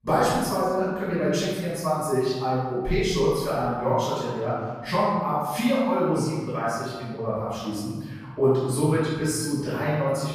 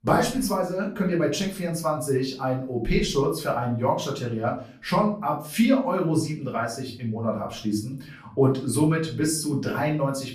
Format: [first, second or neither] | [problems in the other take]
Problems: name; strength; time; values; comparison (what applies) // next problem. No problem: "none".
second | room echo; strong; dies away in 1.3 s; slight in the second // off-mic speech; far; far in the second